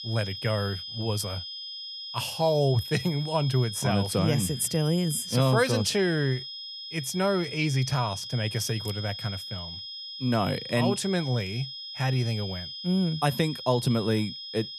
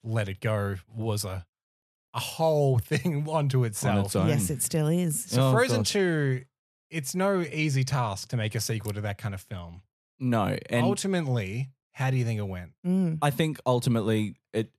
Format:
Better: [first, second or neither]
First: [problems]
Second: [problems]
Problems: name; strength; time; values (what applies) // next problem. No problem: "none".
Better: second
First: high-pitched whine; loud; throughout; 5 kHz, 8 dB below the speech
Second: none